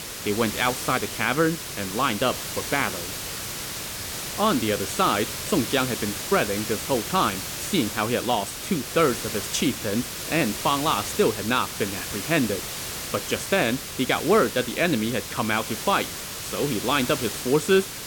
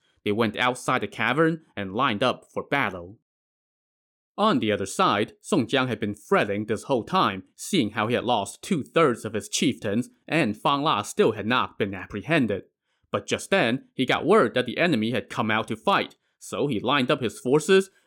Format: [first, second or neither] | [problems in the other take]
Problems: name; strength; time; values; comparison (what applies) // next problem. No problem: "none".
second | hiss; loud; throughout; 6 dB below the speech